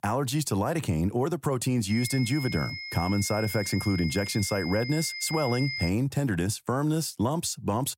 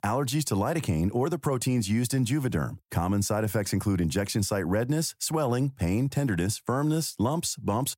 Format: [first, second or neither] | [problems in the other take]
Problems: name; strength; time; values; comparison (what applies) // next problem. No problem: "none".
second | high-pitched whine; loud; from 2 to 6 s; 2 kHz, 7 dB below the speech